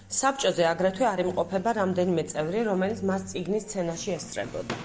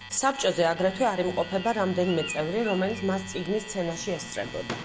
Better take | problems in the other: first | background sound (Alarm + Bird); 14 dB below the speech

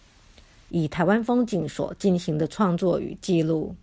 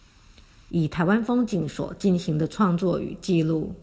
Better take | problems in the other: first | room echo; dies away in 0.9 s

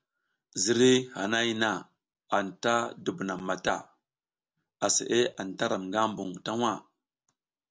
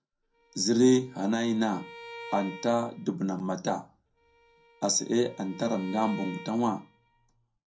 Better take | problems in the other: first | background sound (Bowed string instrument); 18 dB below the speech // room echo; dies away in 0.2 s

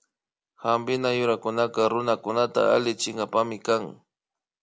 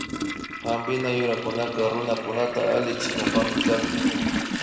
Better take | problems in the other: first | background sound (Toilet flush); 2 dB below the speech // room echo; dies away in 2.2 s

